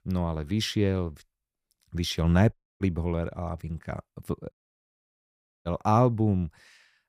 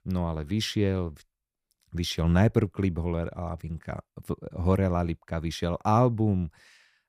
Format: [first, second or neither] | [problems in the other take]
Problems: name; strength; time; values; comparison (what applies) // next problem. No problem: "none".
second | audio cutting out; at 2.5 s and at 4.5 s for 1 s